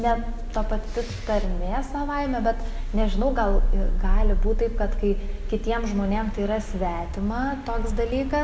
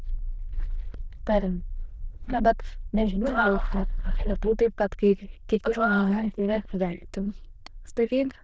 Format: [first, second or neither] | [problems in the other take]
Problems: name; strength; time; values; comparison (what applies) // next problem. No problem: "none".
first | noise reduction (neural diffusion model UNIVERSE++)